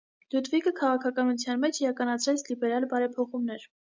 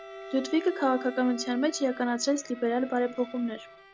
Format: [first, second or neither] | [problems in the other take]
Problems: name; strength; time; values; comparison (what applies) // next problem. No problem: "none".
first | background sound (Bowed string instrument + Wind instrument, woodwind instrument); 14 dB below the speech